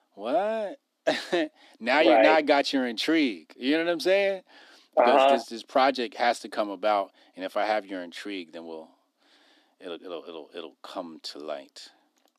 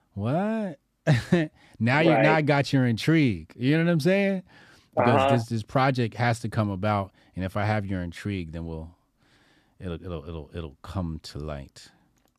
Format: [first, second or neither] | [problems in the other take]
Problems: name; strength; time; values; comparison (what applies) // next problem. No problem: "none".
second | thin; somewhat; fading below 250 Hz